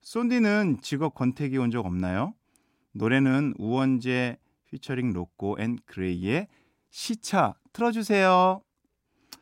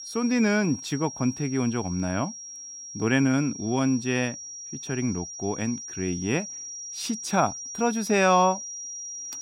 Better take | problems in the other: first | high-pitched whine; loud; throughout; 5.5 kHz, 10 dB below the speech

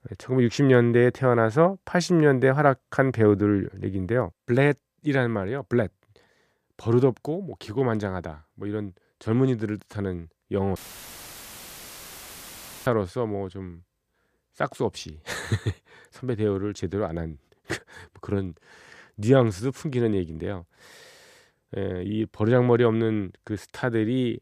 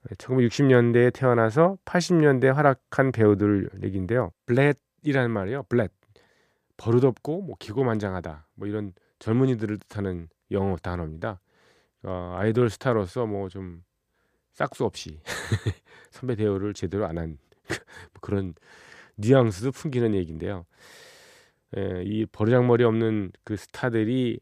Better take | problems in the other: second | audio cutting out; filled with static; at 11 s for 2 s

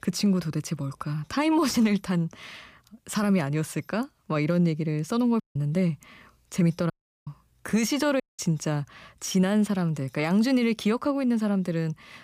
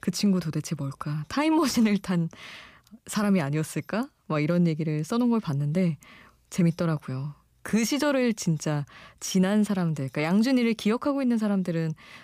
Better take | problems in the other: second | audio cutting out; at 5.5 s, at 7 s and at 8 s

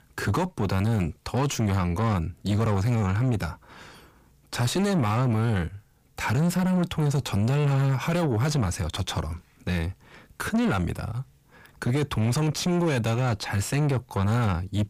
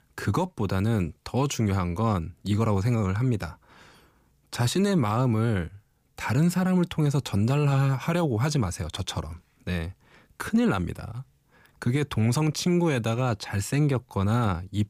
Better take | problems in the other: second | distortion; slight; 10 dB below the speech

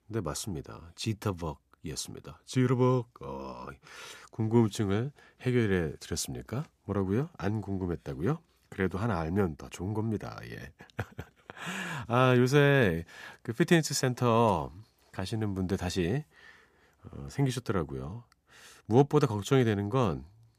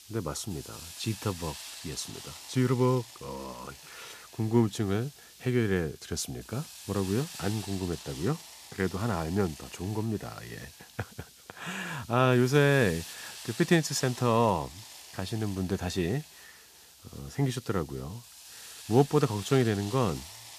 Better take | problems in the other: first | hiss; noticeable; throughout; 15 dB below the speech

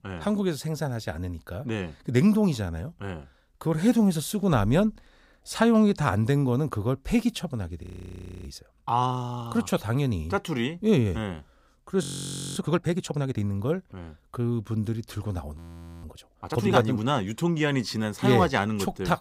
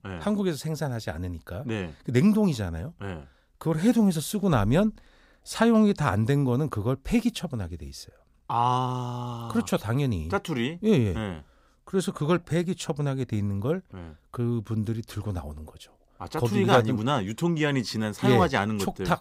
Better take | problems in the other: second | audio freezing; at 8 s for 0.5 s, at 12 s for 0.5 s and at 16 s

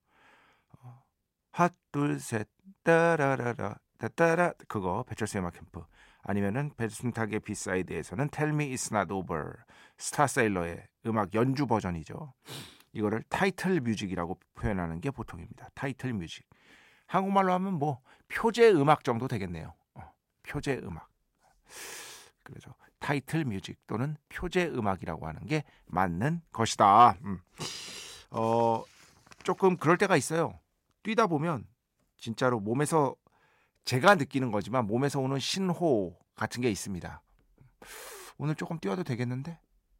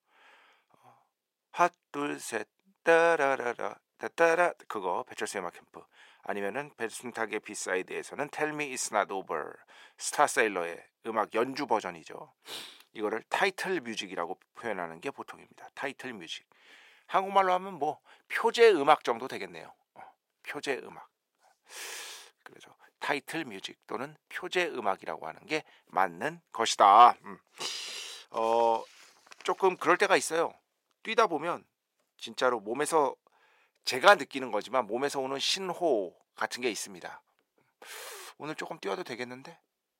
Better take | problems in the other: first | thin; somewhat; fading below 450 Hz

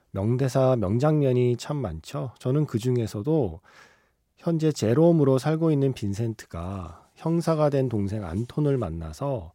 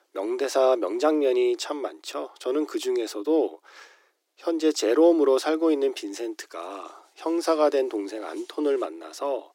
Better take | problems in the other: first | thin; very; fading below 300 Hz

